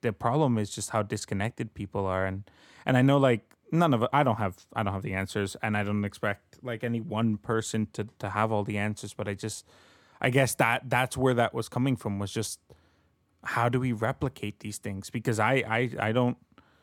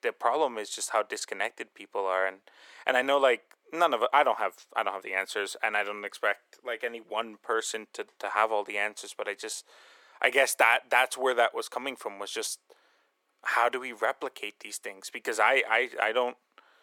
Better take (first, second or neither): first